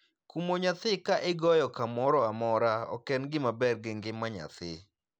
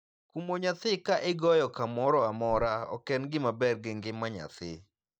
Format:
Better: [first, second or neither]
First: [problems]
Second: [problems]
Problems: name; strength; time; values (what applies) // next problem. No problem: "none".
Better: first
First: none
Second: noise reduction (neural mask model DeepFilterNet 3)